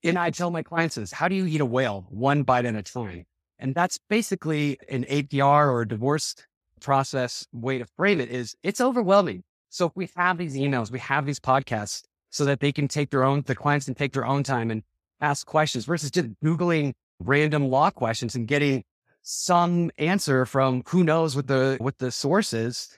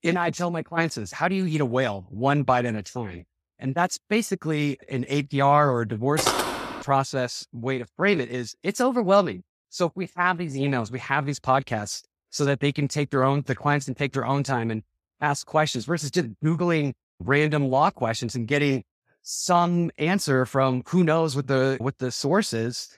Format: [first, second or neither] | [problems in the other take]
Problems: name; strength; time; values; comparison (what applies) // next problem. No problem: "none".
first | footsteps; loud; at 6 s; peak 1 dB above the speech